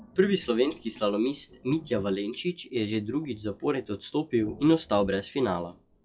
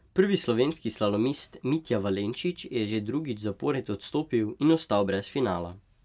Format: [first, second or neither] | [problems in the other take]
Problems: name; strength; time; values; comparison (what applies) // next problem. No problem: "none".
second | noise reduction (classical method log-MMSE)